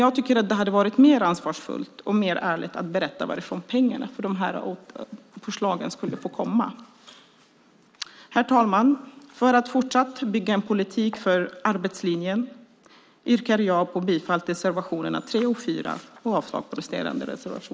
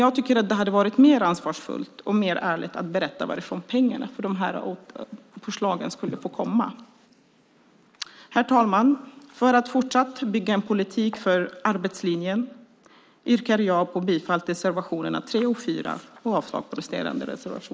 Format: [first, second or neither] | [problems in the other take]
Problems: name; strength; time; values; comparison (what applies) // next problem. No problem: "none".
first | noise reduction (neural mask model Resemble Enhance denoiser)